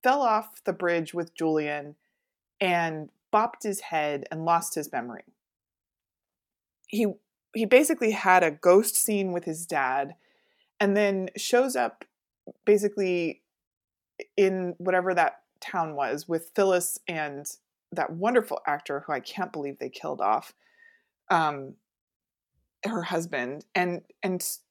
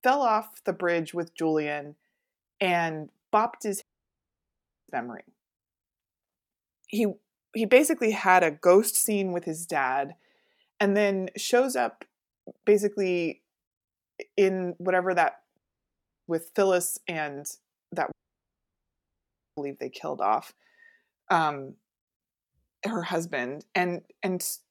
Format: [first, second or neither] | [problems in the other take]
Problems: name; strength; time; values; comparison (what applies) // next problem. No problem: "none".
first | audio cutting out; at 4 s for 1 s, at 16 s for 0.5 s and at 18 s for 1.5 s